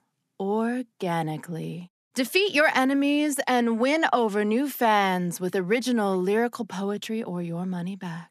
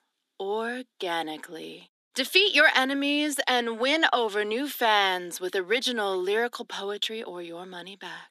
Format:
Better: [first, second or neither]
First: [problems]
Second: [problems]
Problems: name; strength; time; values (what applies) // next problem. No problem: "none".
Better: first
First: none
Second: thin; very slightly; fading below 300 Hz